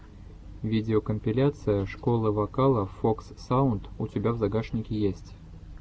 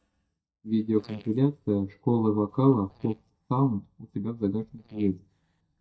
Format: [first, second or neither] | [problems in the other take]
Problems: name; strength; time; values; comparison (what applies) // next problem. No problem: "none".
first | noise reduction (neural mask model DeepFilterNet 3)